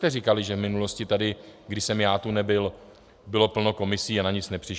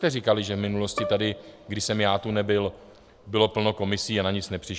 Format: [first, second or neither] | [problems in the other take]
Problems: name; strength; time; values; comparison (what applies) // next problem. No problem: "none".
first | background sound (Bowed string instrument); 14 dB below the speech